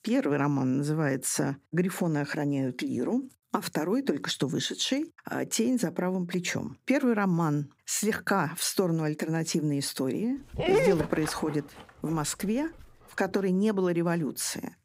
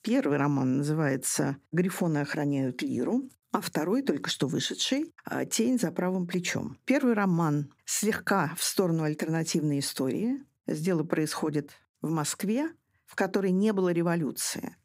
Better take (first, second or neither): second